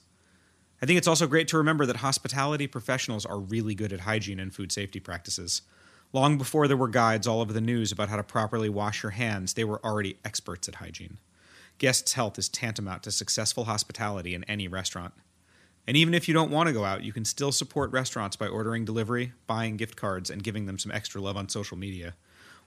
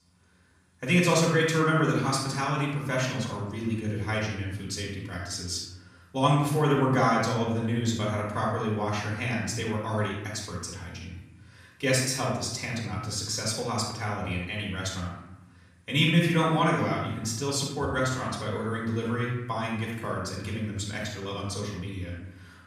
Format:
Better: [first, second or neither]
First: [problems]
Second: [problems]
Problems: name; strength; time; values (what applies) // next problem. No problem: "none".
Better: first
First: none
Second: off-mic speech; far // room echo; noticeable; dies away in 1 s